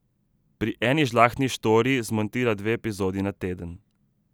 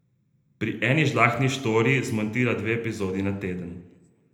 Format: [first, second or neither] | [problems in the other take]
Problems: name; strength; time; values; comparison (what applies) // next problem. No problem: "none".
first | room echo; dies away in 0.7 s